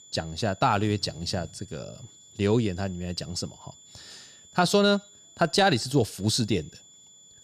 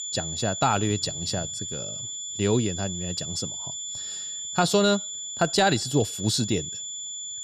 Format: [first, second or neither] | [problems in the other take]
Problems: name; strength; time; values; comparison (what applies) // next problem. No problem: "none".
first | high-pitched whine; loud; throughout; 7 kHz, 6 dB below the speech; faint in the first